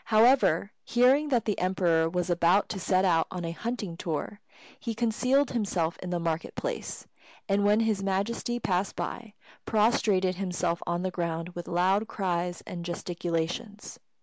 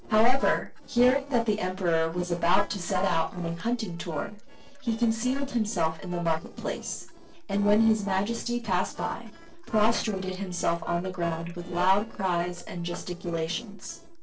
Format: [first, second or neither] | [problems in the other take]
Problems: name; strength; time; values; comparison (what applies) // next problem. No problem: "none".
first | noise reduction (neural separator model SepFormer DNS4)